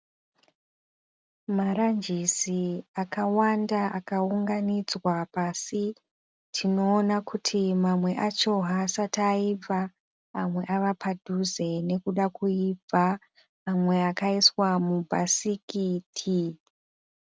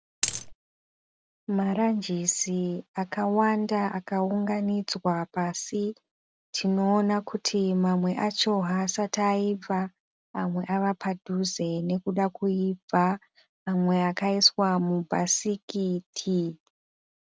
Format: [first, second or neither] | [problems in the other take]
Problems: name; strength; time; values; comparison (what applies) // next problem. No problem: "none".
first | background sound (Coin (dropping)); 2 dB below the speech